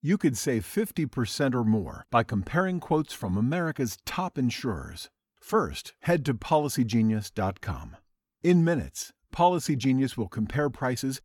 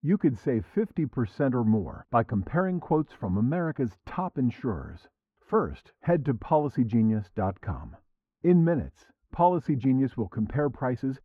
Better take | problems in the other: first | muffled; very; fading above 3.5 kHz

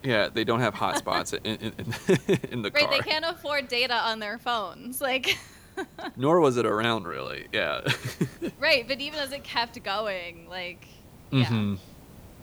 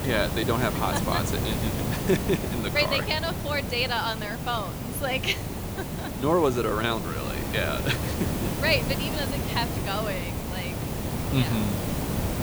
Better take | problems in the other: first | hiss; loud; throughout; 2 dB below the speech; faint in the first

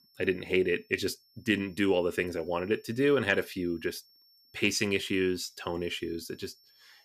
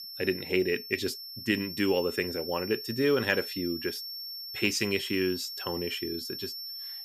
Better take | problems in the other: first | high-pitched whine; loud; throughout; 5.5 kHz, 7 dB below the speech; faint in the first

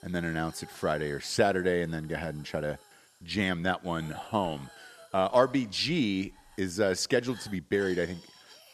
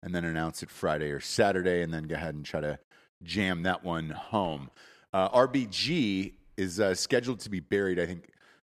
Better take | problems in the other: second | hiss; faint; throughout; 25 dB below the speech

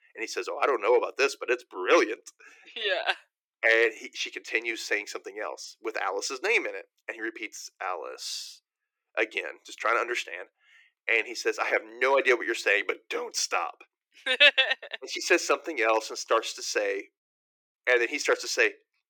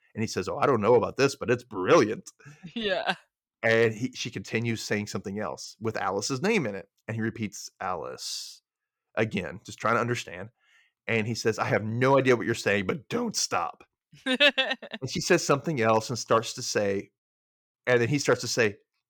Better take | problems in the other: second | thin; very; fading below 350 Hz

